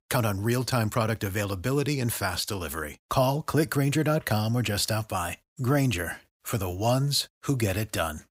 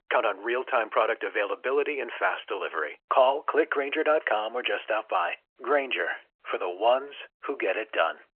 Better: first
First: none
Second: phone-call audio; nothing above 3 kHz

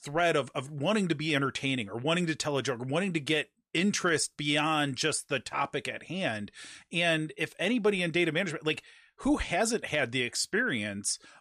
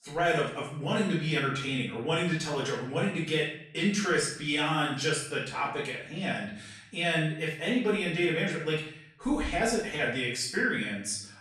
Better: first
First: none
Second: room echo; noticeable; dies away in 0.6 s // off-mic speech; far

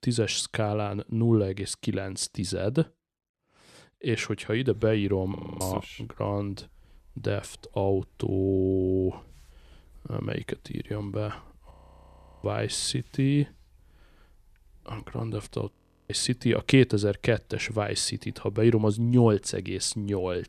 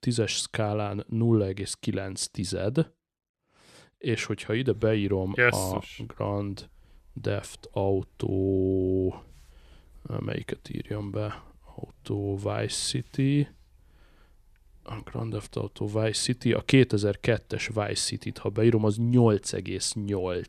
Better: second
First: audio freezing; at 5.5 s, at 12 s for 0.5 s and at 16 s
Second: none

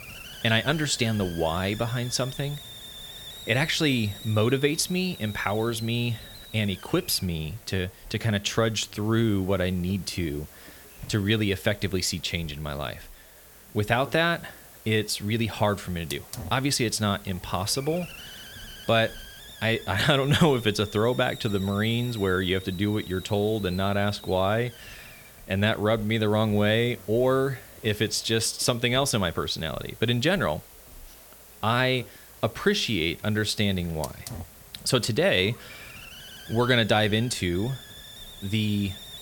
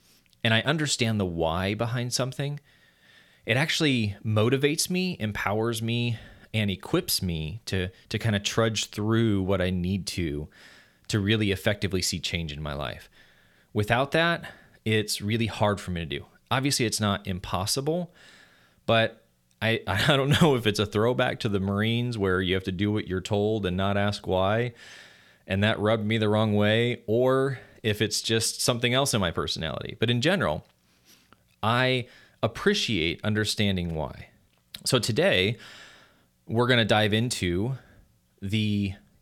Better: second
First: hiss; noticeable; throughout; 15 dB below the speech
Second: none

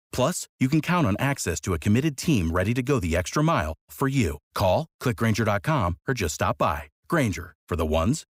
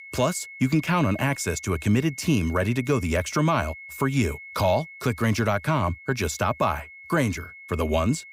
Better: first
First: none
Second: high-pitched whine; noticeable; throughout; 2 kHz, 15 dB below the speech

